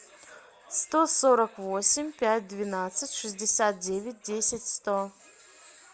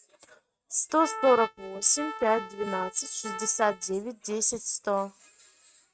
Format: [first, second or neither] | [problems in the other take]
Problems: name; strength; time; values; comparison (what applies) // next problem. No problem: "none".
first | noise reduction (neural mask model RNNoise)